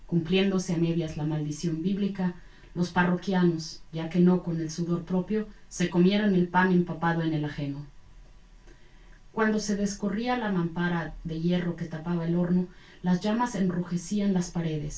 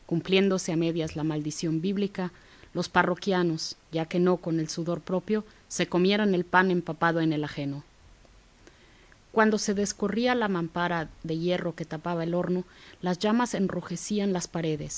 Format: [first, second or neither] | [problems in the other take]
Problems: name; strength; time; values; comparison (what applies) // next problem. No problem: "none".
second | room echo; dies away in 0.2 s